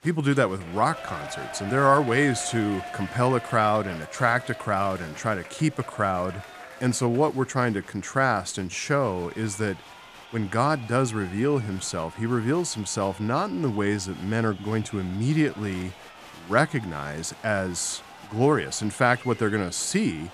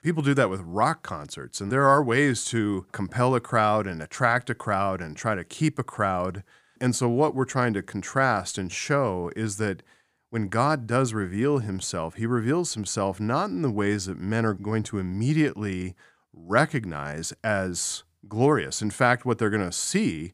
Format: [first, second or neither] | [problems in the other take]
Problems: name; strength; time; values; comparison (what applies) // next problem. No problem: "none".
second | crowd noise; noticeable; throughout; 15 dB below the speech